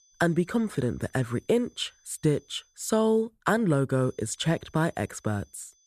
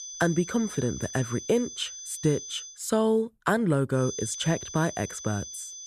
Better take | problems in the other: first | high-pitched whine; loud; until 2.5 s and from 4 s on; 6 kHz, 10 dB below the speech; faint in the first

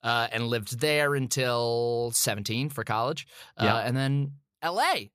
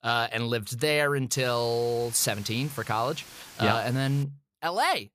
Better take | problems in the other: first | hiss; noticeable; from 1.5 to 4 s; 20 dB below the speech

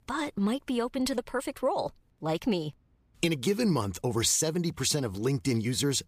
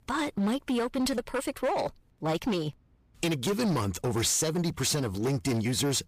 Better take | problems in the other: first | distortion; slight; 16% of the sound clipped

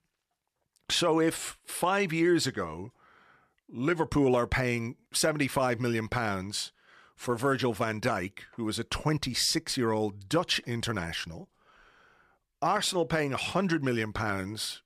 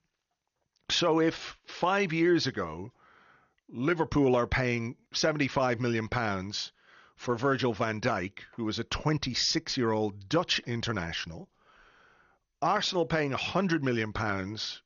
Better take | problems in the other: first | garbled, watery; slightly; nothing above 6.5 kHz

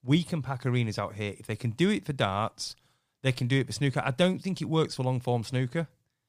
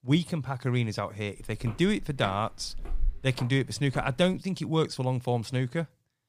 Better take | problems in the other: first | footsteps; noticeable; from 1.5 to 4 s; peak 7 dB below the speech

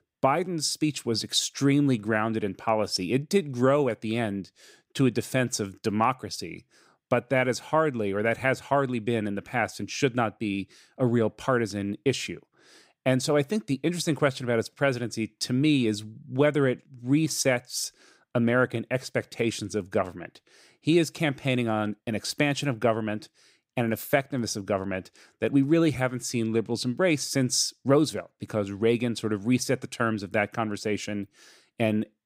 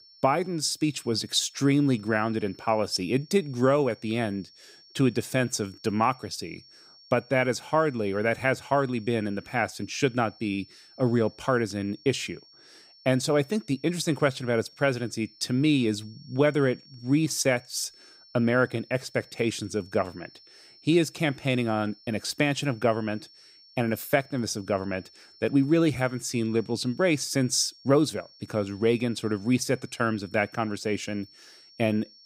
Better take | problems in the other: first | high-pitched whine; faint; throughout; 5.5 kHz, 25 dB below the speech

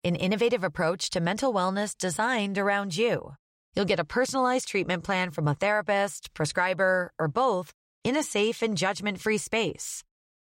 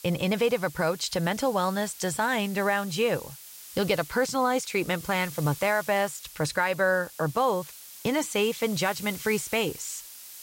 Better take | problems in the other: first | hiss; noticeable; throughout; 15 dB below the speech

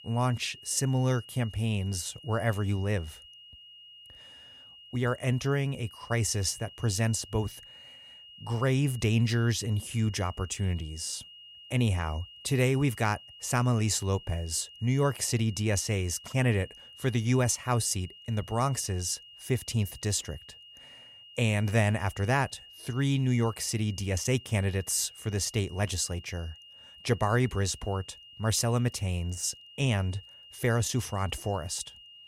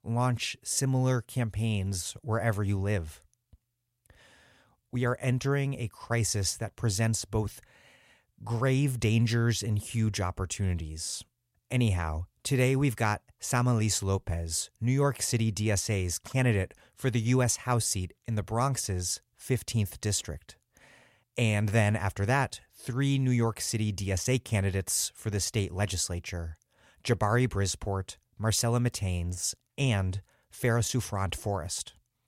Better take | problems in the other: second | high-pitched whine; noticeable; throughout; 3 kHz, 20 dB below the speech

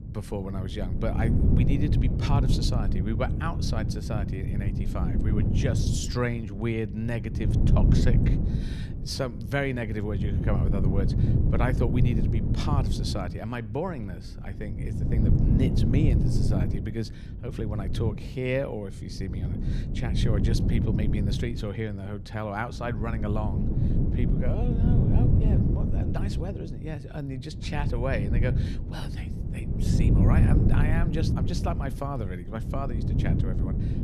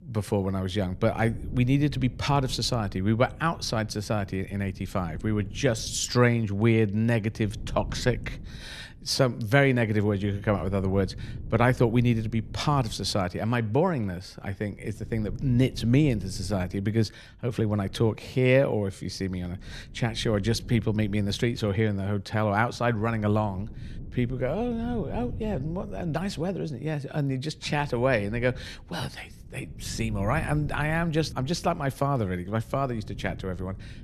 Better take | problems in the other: second | wind noise on the microphone; heavy; 2 dB below the speech; occasional gusts in the second

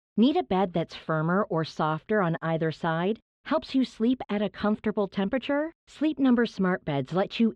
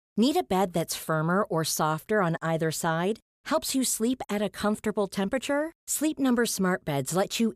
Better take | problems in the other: second | muffled; slightly; fading above 3.5 kHz

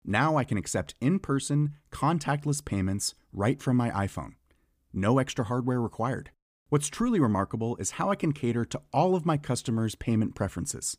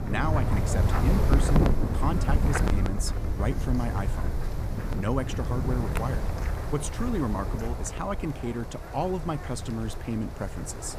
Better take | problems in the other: first | wind noise on the microphone; heavy; 2 dB below the speech

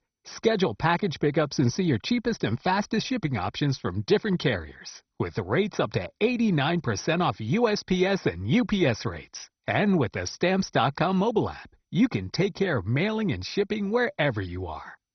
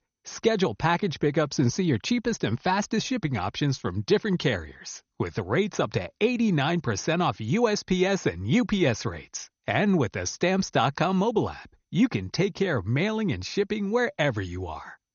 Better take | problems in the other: second | garbled, watery; badly; nothing above 6 kHz; slightly in the second

